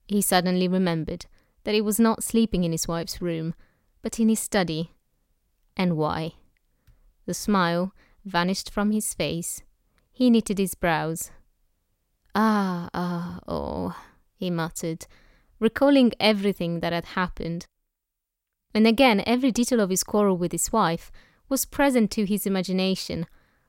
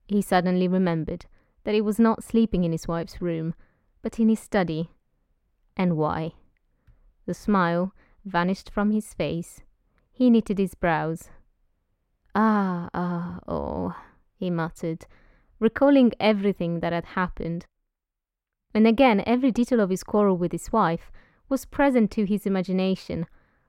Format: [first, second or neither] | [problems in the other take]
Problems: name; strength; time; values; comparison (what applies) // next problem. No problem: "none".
first | muffled; slightly; fading above 3.5 kHz